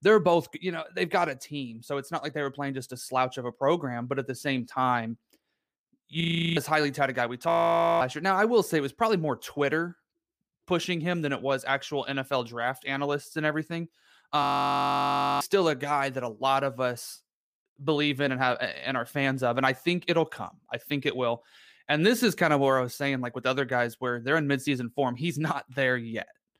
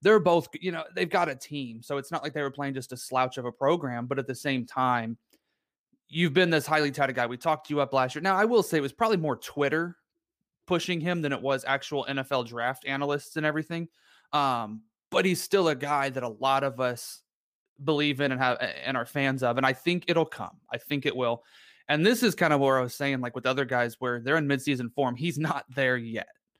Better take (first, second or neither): second